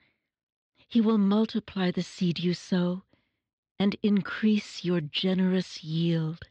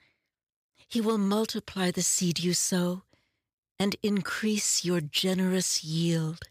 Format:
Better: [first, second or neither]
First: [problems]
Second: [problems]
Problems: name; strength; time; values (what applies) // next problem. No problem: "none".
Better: second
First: muffled; slightly; fading above 3.5 kHz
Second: none